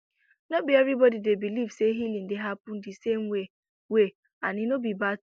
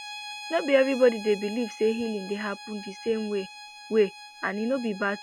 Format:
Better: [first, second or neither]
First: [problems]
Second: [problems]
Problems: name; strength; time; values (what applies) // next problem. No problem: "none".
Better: first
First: none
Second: background sound (Bowed string instrument); 15 dB below the speech